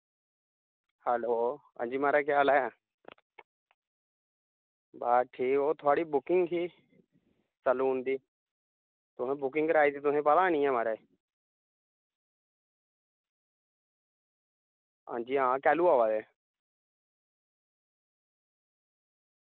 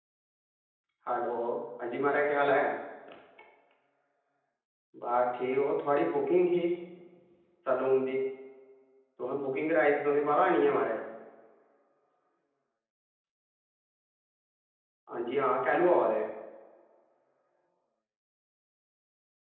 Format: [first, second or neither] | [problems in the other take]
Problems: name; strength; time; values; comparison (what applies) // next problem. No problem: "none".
first | room echo; dies away in 0.9 s